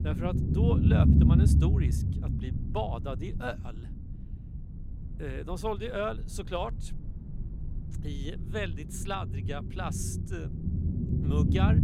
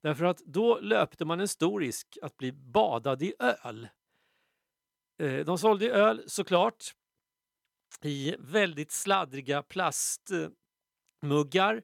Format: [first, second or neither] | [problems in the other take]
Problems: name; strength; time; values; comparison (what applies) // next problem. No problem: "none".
second | low rumble; loud; throughout; 2 dB below the speech